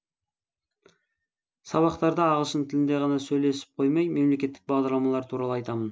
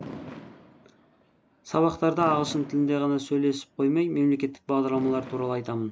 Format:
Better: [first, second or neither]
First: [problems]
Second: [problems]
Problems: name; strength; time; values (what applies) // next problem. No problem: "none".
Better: first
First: none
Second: background sound (Fireworks); 17 dB below the speech